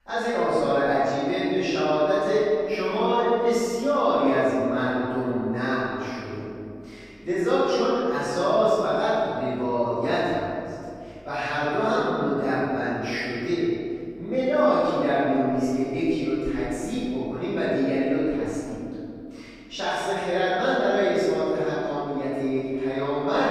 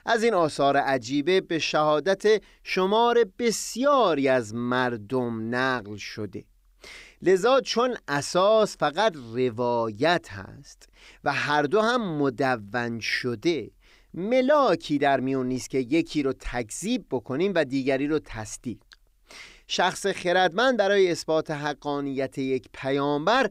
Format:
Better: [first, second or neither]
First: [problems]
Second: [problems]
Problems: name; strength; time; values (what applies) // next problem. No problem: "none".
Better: second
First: off-mic speech; far // room echo; strong; dies away in 2.5 s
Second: none